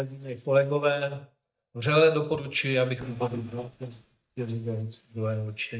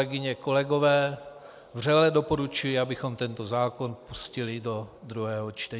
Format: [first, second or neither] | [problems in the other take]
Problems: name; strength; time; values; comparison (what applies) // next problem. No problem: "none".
second | noise reduction (neural mask model DeepFilterNet 3)